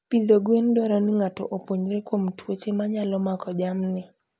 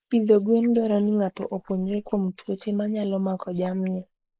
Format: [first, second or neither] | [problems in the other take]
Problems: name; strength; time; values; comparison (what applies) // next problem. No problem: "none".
first | noise reduction (neural mask model Resemble Enhance denoiser)